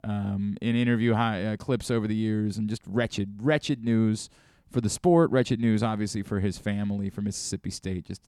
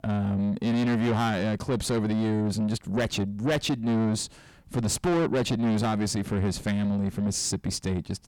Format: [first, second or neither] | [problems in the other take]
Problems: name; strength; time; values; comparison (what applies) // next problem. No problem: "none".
first | distortion; heavy; 7 dB below the speech